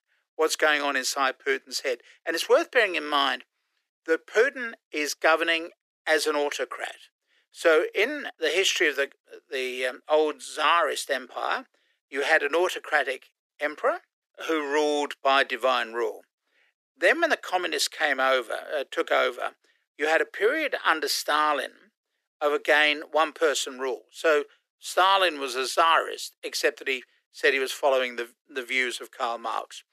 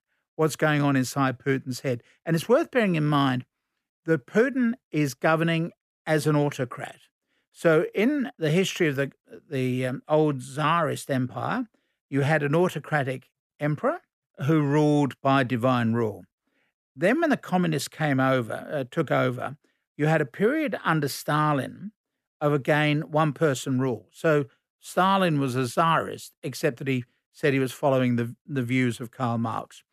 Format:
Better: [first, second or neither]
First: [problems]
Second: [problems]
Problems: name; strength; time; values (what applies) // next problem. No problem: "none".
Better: second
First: thin; very; fading below 350 Hz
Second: none